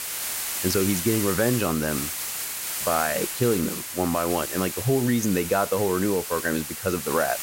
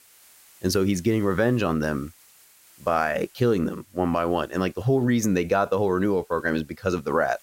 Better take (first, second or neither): second